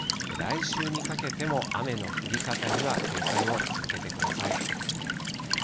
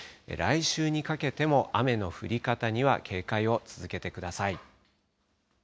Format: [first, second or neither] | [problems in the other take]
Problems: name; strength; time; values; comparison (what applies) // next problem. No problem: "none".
second | background sound (Walk, footsteps / Stream / Trickle, dribble / Chirp, tweet); 4 dB above the speech